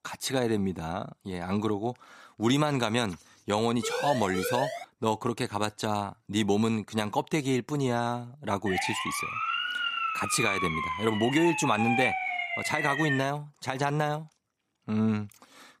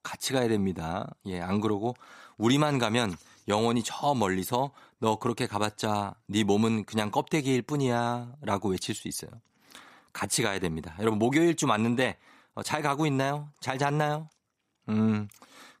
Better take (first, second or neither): second